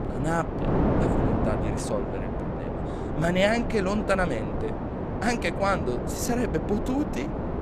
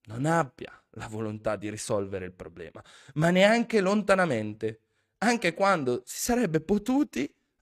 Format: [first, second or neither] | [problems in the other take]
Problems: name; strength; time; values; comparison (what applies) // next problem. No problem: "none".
second | wind noise on the microphone; heavy; 4 dB below the speech